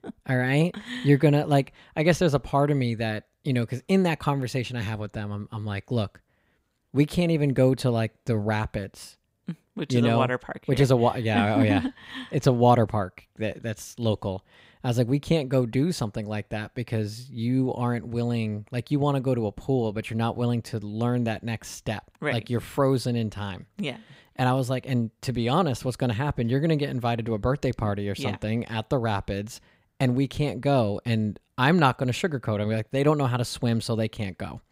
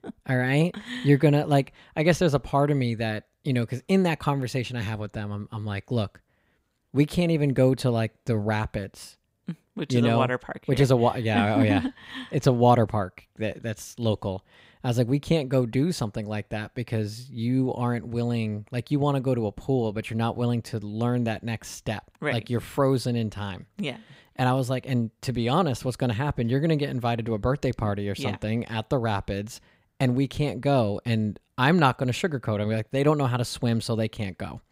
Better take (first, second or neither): neither